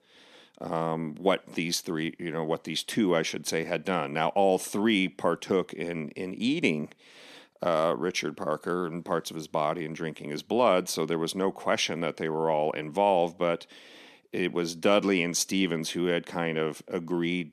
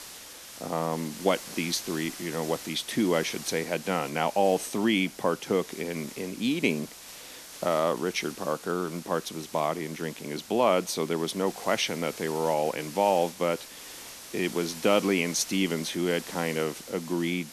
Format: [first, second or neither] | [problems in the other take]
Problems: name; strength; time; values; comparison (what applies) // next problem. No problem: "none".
first | hiss; noticeable; throughout; 15 dB below the speech